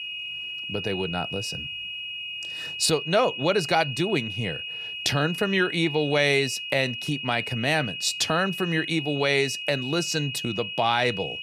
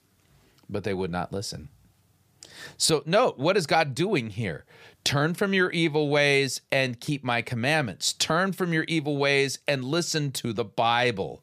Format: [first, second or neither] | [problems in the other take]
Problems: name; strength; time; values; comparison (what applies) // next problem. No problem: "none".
second | high-pitched whine; loud; throughout; 3 kHz, 6 dB below the speech